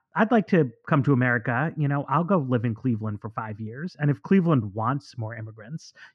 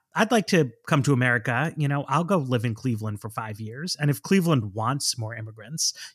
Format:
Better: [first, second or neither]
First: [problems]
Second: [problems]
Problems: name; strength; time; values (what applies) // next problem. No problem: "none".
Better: second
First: muffled; very; fading above 1.5 kHz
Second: none